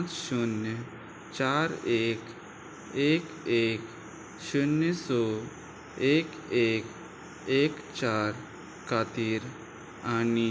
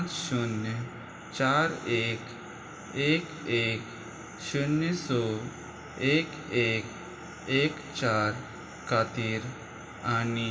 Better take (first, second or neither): first